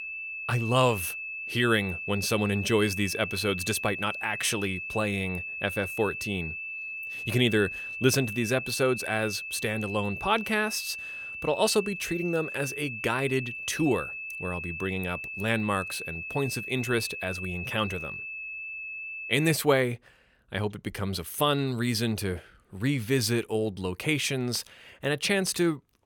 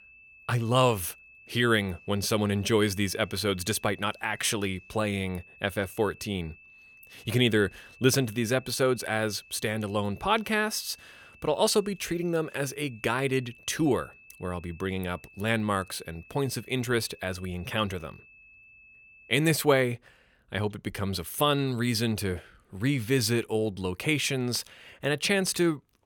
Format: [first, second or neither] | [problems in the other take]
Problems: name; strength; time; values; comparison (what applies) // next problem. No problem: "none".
second | high-pitched whine; loud; until 20 s; 2.5 kHz, 6 dB below the speech; faint in the second